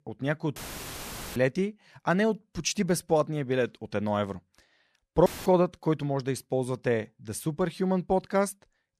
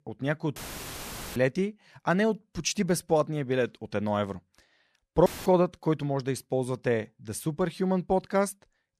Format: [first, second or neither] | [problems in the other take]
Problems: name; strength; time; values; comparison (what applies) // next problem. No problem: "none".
neither | audio cutting out; filled with static; at 0.5 s for 1 s and at 5.5 s; the same in both